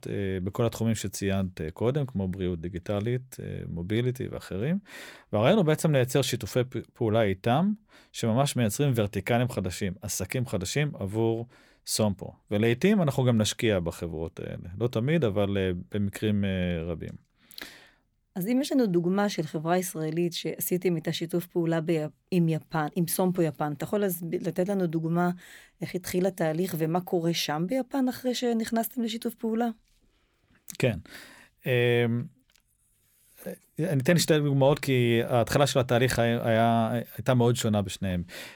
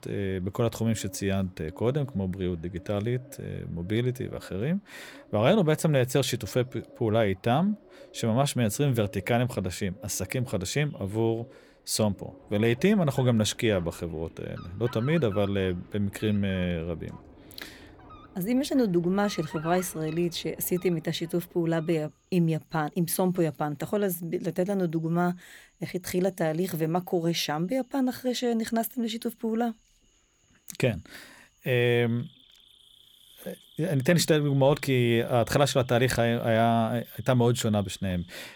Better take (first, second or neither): first